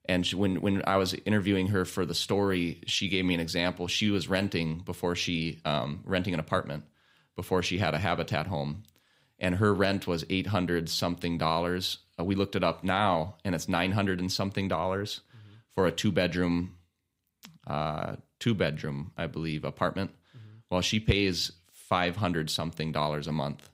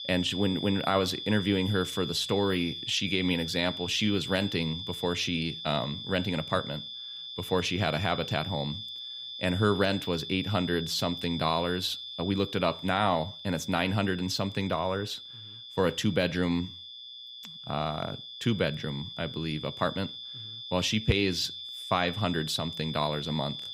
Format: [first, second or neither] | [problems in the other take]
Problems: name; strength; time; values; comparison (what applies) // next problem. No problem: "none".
first | high-pitched whine; loud; throughout; 3.5 kHz, 8 dB below the speech